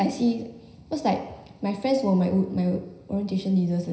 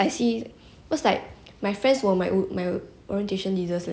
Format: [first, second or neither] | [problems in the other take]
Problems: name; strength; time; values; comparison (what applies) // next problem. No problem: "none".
second | room echo; dies away in 0.9 s